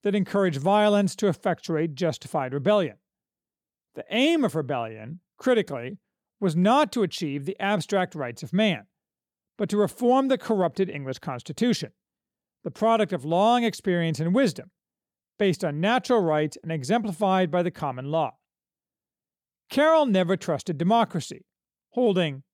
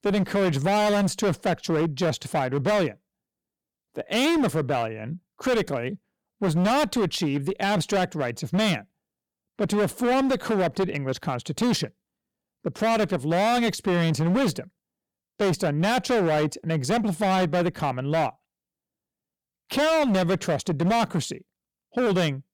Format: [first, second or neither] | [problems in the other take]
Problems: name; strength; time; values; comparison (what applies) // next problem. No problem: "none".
first | distortion; heavy; 20% of the sound clipped